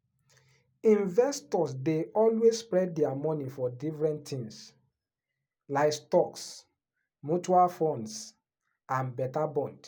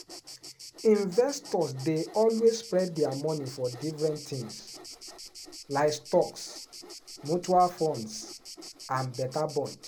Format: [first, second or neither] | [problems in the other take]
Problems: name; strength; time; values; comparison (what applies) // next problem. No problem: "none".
first | background sound (Sawing + Insect); 16 dB below the speech